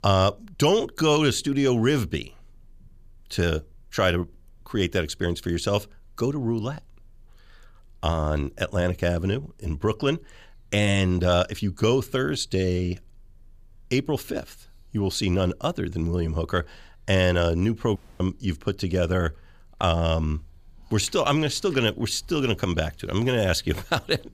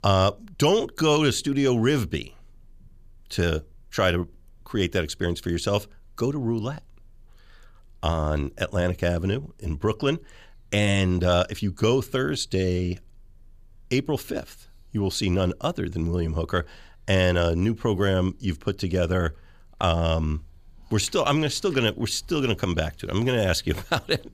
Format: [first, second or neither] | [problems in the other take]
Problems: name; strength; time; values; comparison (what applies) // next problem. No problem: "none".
second | audio cutting out; at 18 s